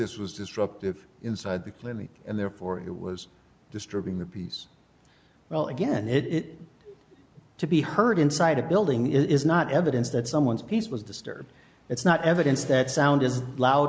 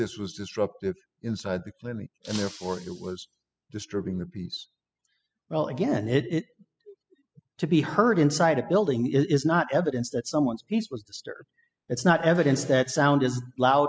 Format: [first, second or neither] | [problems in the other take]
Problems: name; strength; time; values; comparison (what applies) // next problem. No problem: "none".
first | noise reduction (classical method spectral subtraction)